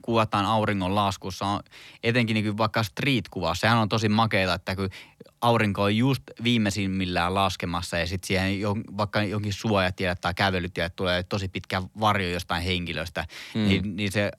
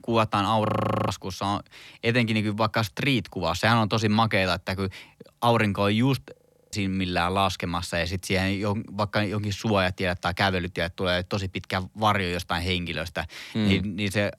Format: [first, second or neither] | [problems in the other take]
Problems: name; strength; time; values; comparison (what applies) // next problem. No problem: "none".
first | audio freezing; at 0.5 s and at 6.5 s